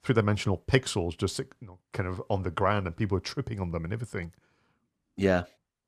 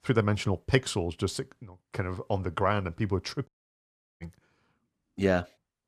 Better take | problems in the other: first | audio cutting out; at 3.5 s for 0.5 s

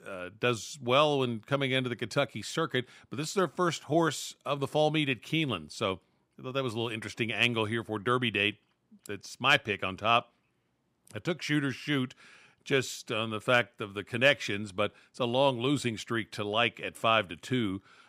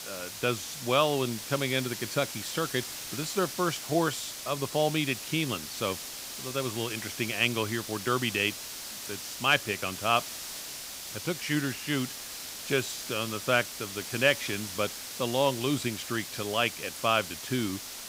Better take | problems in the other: first | hiss; loud; throughout; 7 dB below the speech

